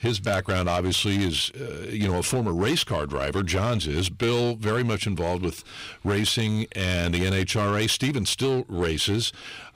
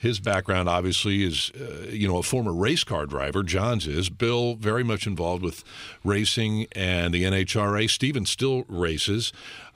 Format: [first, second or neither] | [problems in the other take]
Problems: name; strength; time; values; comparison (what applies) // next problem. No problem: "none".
second | distortion; slight; 12% of the sound clipped